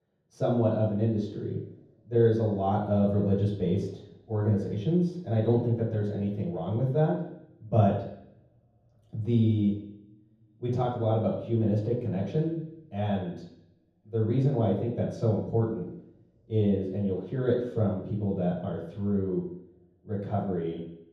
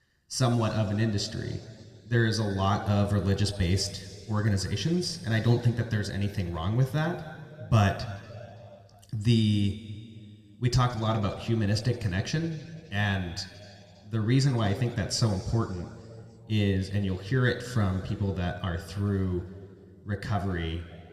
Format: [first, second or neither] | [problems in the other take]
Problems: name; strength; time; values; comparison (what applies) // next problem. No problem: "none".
second | room echo; strong; dies away in 0.9 s; slight in the second // off-mic speech; far